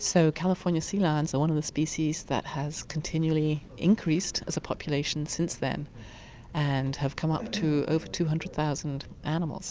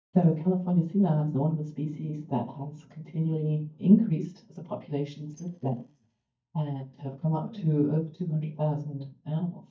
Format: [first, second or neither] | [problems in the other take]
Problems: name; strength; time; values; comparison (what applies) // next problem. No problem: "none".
first | noise reduction (neural mask model DeepFilterNet 3)